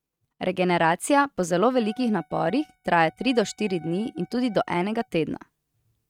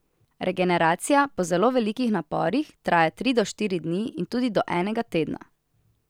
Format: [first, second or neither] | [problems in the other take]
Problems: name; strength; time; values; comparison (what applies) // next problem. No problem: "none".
second | noise reduction (neural mask model RNNoise)